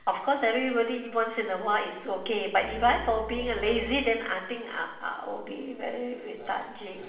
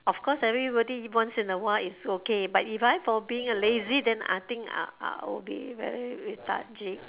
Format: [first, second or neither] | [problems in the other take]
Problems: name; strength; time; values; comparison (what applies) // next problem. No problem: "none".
second | background sound (Bowed string instrument); 13 dB below the speech // room echo; dies away in 0.8 s